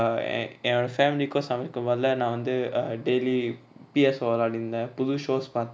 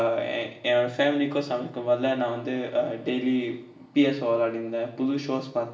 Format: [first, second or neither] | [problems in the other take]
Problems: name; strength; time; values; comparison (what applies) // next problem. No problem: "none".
first | room echo; dies away in 0.7 s